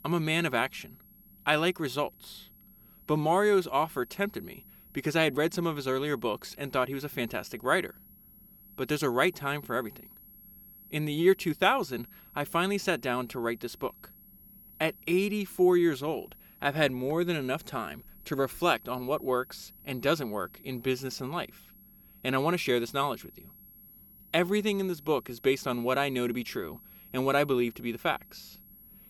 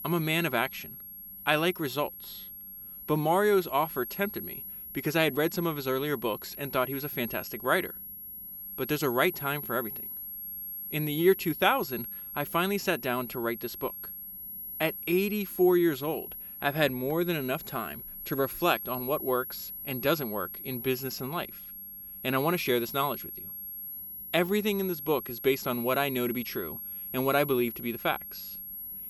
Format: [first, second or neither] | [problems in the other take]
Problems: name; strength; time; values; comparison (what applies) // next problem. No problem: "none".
first | high-pitched whine; loud; throughout; 11.5 kHz, 9 dB below the speech; faint in the first